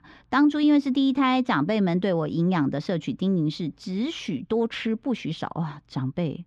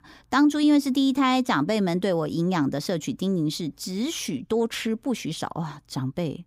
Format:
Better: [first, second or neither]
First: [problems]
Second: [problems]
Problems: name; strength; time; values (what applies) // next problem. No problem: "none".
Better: second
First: muffled; very slightly; fading above 3 kHz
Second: none